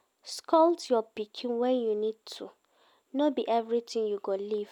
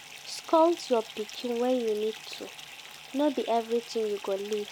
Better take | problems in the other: first | background sound (Fill (with liquid) / Bathtub (filling or washing)); 16 dB below the speech

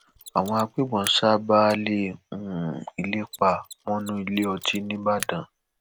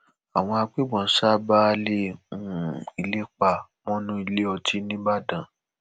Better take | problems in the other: second | background sound (Mechanisms); 19 dB below the speech

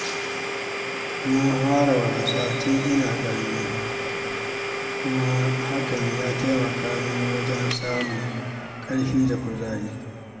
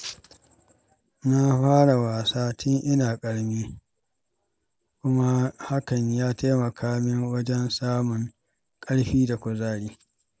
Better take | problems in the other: second | background sound (Domestic sounds, home sounds); 4 dB below the speech // room echo; dies away in 2.3 s

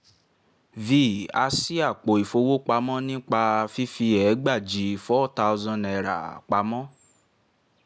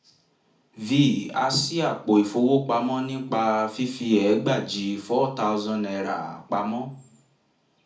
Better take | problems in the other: first | room echo; dies away in 0.4 s

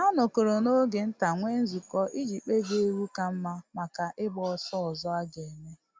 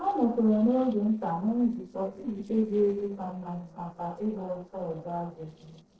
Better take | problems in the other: first | noise reduction (neural separator model SepFormer DNS4)

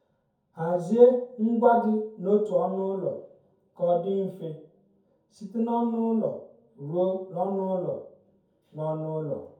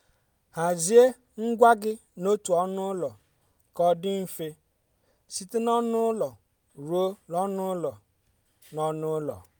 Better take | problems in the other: second | room echo; dies away in 0.6 s

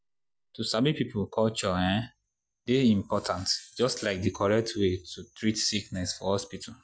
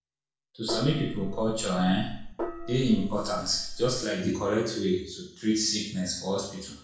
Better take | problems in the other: first | background sound (Gong); 7 dB below the speech // room echo; dies away in 0.5 s

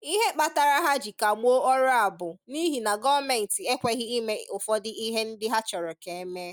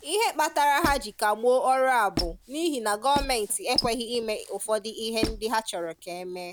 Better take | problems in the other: first | background sound (Squeak); 10 dB below the speech

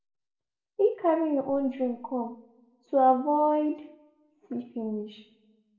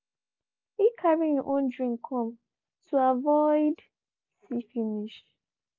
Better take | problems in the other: second | room echo; dies away in 0.5 s

